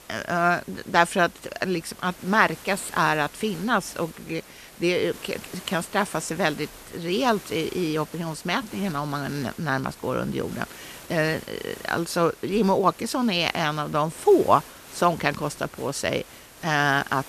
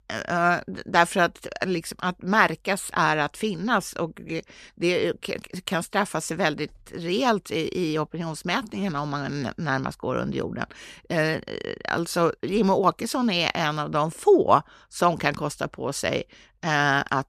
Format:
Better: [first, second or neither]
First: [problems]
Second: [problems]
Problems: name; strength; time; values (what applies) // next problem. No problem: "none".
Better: second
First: hiss; noticeable; throughout; 20 dB below the speech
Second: none